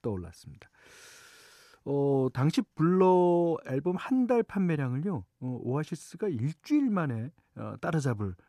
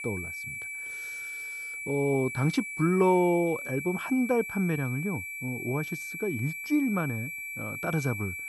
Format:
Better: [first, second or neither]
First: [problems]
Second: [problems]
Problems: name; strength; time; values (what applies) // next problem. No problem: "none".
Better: first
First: none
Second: high-pitched whine; loud; throughout; 2.5 kHz, 6 dB below the speech